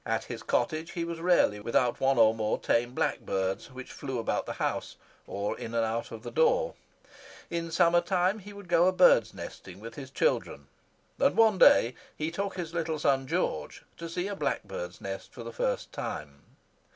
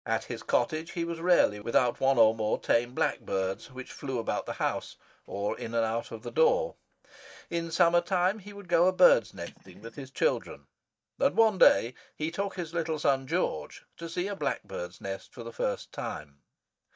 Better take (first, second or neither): first